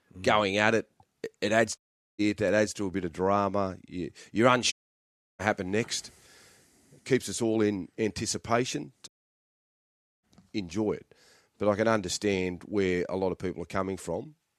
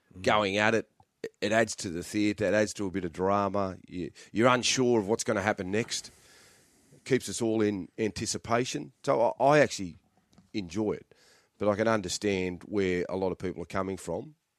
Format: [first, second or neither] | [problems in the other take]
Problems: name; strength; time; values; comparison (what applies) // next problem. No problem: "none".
second | audio cutting out; at 2 s, at 4.5 s for 0.5 s and at 9 s for 1 s